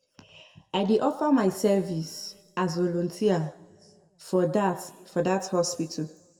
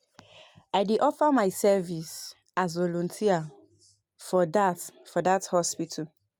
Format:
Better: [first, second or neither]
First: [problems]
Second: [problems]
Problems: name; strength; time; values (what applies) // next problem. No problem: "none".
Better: second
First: room echo; dies away in 1 s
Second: none